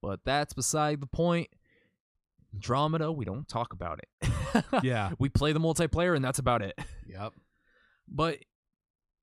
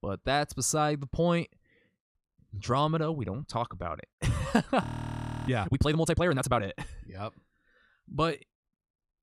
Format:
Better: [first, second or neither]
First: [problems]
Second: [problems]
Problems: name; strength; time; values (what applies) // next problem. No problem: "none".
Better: first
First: none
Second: audio freezing; at 5 s for 0.5 s